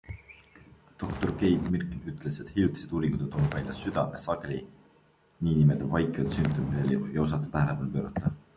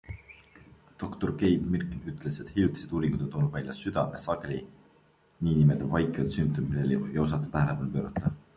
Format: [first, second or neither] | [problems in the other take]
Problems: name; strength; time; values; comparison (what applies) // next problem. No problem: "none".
second | background sound (Walk, footsteps); 10 dB below the speech